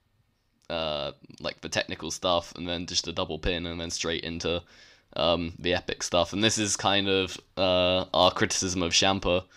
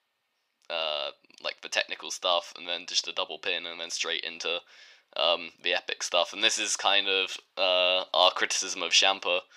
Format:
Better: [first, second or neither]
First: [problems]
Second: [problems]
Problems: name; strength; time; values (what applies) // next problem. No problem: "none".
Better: first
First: none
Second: thin; very; fading below 650 Hz